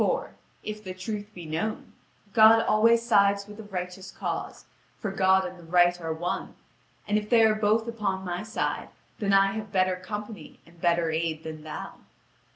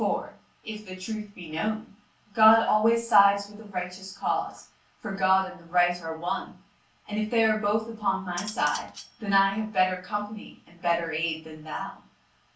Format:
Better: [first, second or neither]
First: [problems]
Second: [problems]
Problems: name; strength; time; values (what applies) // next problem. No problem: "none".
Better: first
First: none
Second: background sound (Cutlery, silverware); 15 dB below the speech // room echo; dies away in 0.2 s